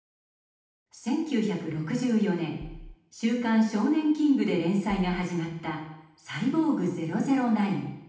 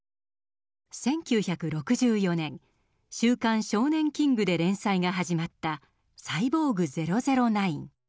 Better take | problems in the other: second | background sound (Bass drum); 15 dB below the speech // room echo; dies away in 0.8 s

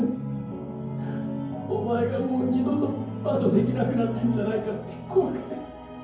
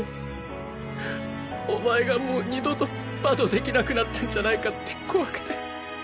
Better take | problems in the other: second | room echo; dies away in 0.9 s

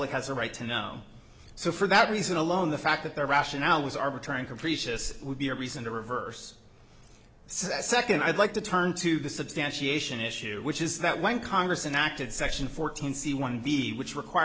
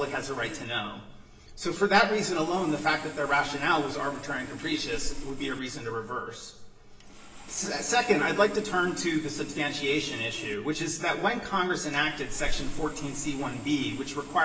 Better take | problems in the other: first | background sound (Sawing); 15 dB below the speech // room echo; dies away in 0.9 s

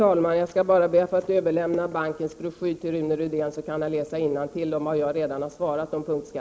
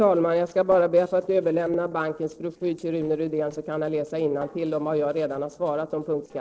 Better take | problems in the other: first | noise reduction (neural separator model SepFormer DNS4)

